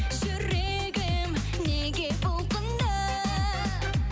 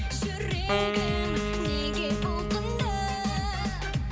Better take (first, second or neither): first